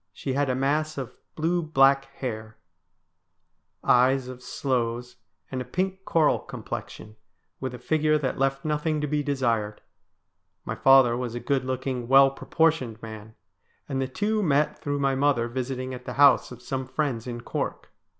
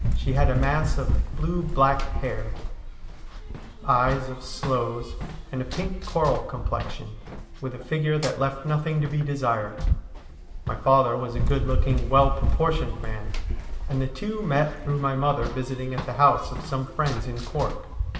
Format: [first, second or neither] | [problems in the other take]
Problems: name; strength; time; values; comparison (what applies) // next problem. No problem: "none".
first | background sound (Run); 2 dB below the speech // room echo; dies away in 1 s